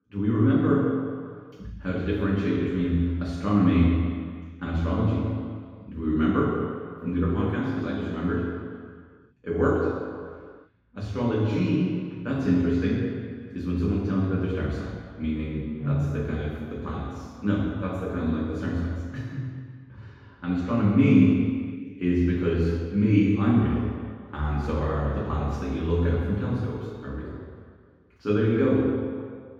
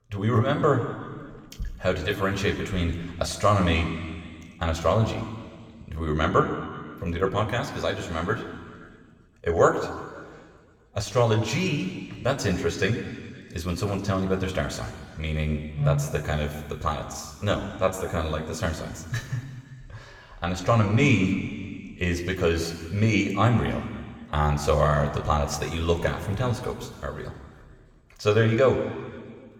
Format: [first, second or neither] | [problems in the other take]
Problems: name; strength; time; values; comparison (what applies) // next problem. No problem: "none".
second | room echo; strong; dies away in 1.8 s; slight in the second // off-mic speech; far